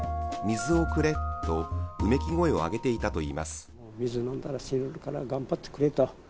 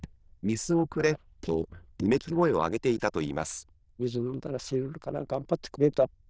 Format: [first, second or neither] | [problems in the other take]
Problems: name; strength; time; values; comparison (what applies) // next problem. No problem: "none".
first | noise reduction (neural diffusion model UNIVERSE++)